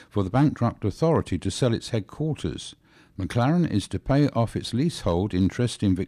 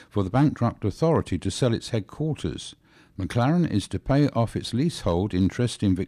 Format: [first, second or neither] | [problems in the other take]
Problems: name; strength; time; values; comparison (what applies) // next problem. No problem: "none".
neither | none